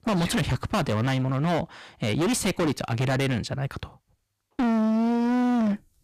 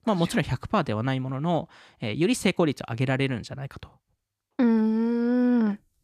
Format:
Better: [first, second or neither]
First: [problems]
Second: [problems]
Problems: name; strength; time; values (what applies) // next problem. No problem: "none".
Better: second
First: distortion; heavy; 30% of the sound clipped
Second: none